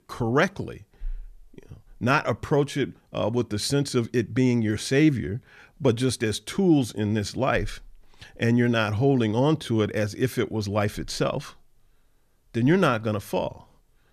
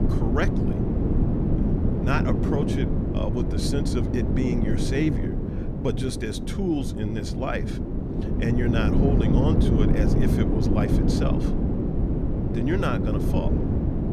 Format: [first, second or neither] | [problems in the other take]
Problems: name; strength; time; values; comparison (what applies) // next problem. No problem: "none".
first | wind noise on the microphone; heavy; as loud as the speech